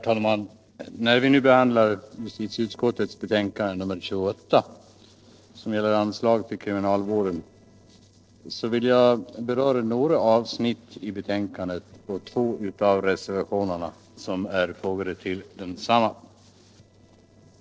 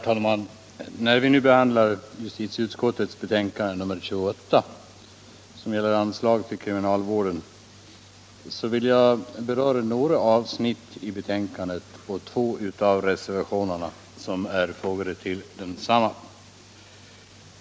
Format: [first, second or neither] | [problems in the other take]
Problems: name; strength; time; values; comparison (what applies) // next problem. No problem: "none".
second | noise reduction (neural separator model SepFormer DNS4)